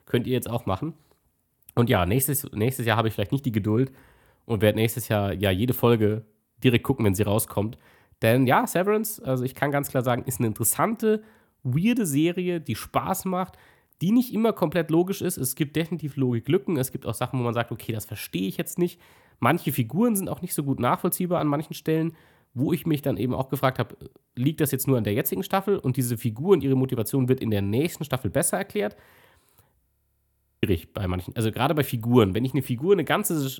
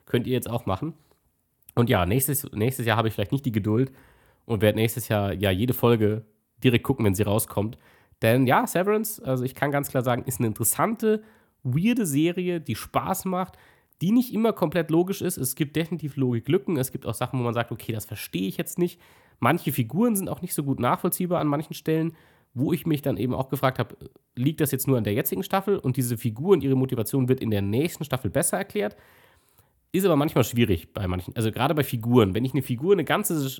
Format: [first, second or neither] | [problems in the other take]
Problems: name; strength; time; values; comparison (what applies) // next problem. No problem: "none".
second | audio freezing; at 30 s for 0.5 s